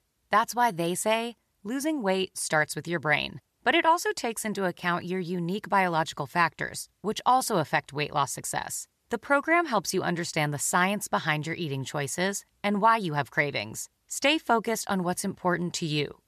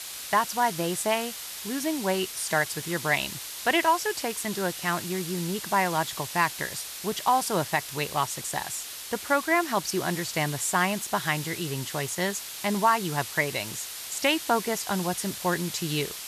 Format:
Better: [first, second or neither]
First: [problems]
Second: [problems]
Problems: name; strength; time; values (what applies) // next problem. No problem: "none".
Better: first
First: none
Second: hiss; loud; throughout; 7 dB below the speech